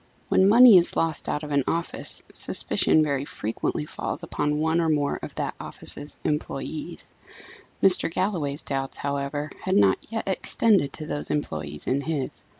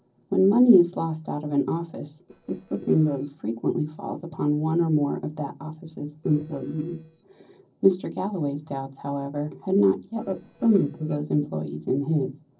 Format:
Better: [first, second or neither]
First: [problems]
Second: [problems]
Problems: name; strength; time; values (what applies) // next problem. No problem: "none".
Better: first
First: none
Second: noise reduction (neural separator model SepFormer DNS4)